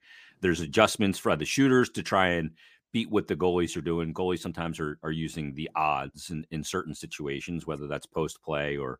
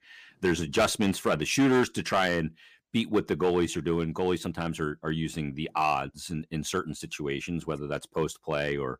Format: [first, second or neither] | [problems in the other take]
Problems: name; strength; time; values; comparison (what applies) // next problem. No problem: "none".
first | distortion; slight; 3% of the sound clipped